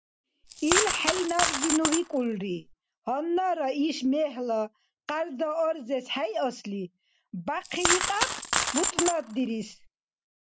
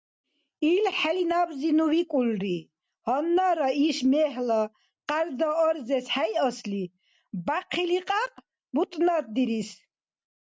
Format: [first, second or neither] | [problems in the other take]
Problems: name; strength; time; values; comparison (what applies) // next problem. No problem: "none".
second | background sound (Coin (dropping)); 1 dB above the speech